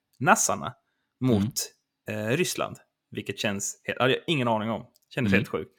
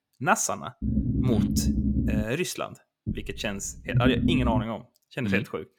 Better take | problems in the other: first | low rumble; loud; from 1 to 2 s and from 3 to 4.5 s; 5 dB below the speech

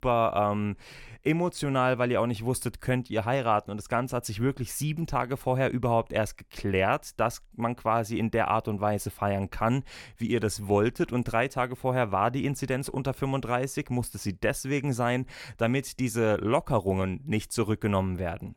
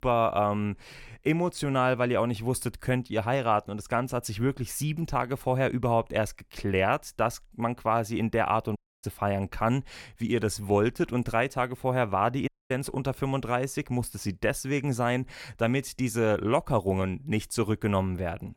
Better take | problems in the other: first | audio cutting out; at 9 s and at 12 s

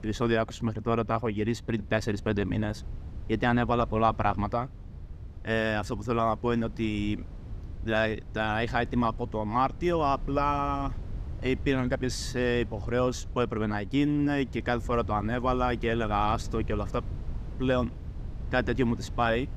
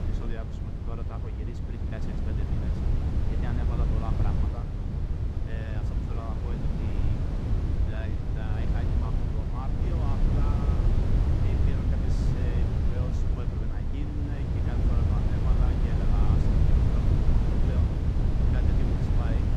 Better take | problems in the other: first | wind noise on the microphone; heavy; 5 dB above the speech; occasional gusts in the first

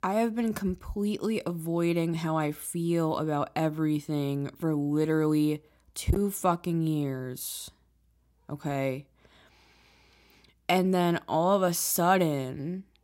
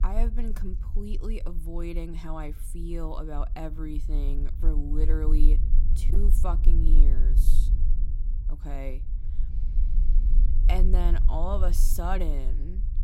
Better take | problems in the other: first | low rumble; noticeable; throughout; 10 dB below the speech

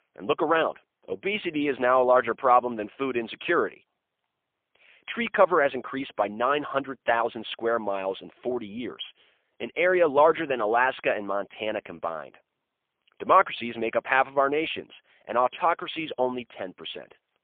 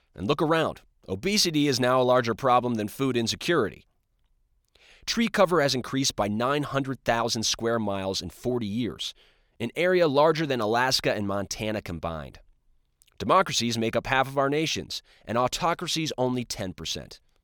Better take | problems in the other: second | phone-call audio; poor line; nothing above 3.5 kHz

